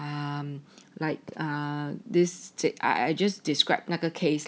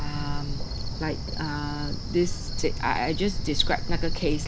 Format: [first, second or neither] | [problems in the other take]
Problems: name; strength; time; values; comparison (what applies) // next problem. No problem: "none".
first | background sound (Cricket); 1 dB above the speech